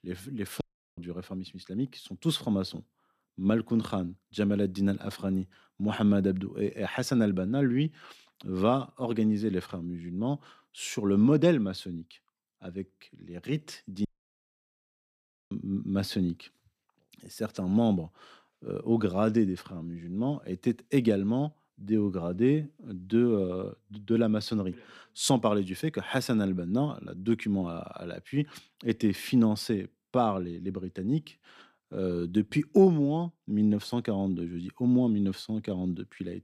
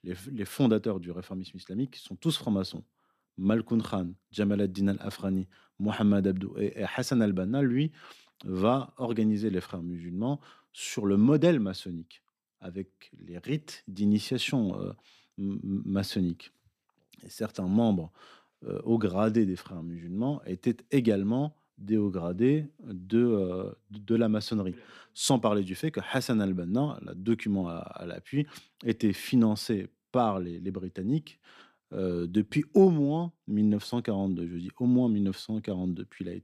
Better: second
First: audio cutting out; at 0.5 s and at 14 s for 1.5 s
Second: none

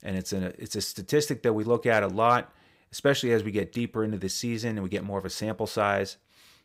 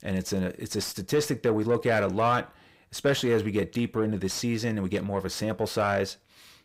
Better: first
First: none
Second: distortion; slight; 10 dB below the speech

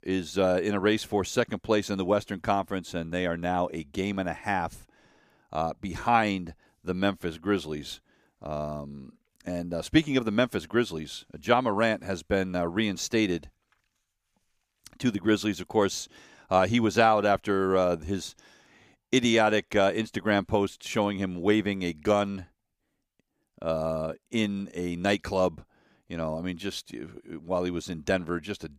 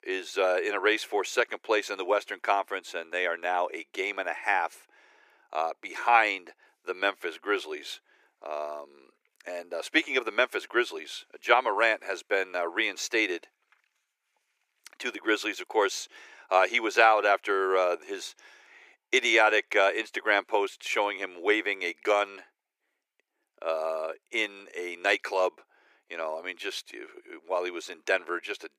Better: first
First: none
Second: thin; very; fading below 350 Hz

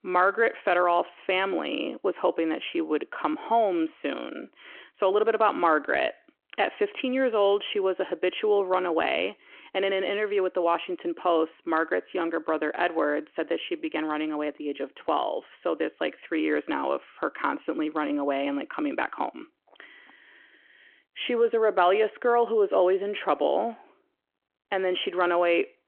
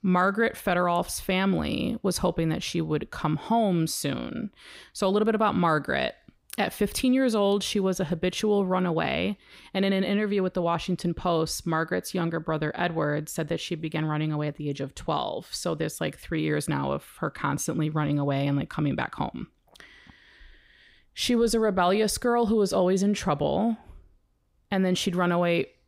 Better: second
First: phone-call audio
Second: none

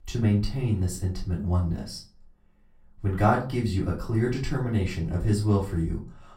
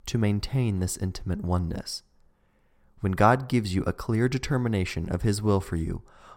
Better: second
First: off-mic speech; far // room echo; slight; dies away in 0.3 s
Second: none

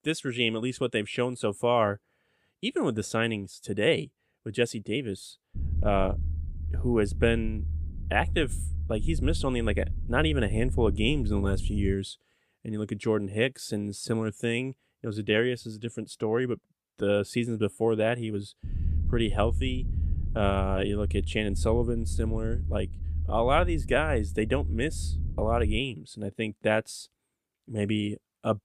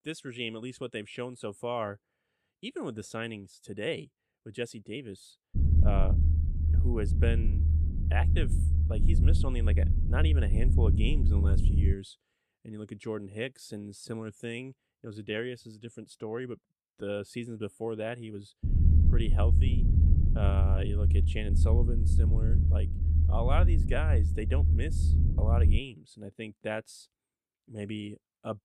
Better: first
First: low rumble; faint; from 5.5 to 12 s and from 19 to 26 s; 20 dB below the speech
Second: low rumble; loud; from 5.5 to 12 s and from 19 to 26 s; 5 dB below the speech

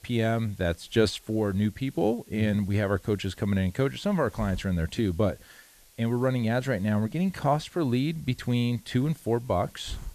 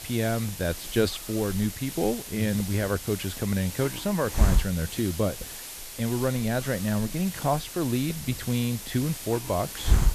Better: first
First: hiss; faint; throughout; 25 dB below the speech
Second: hiss; loud; throughout; 6 dB below the speech

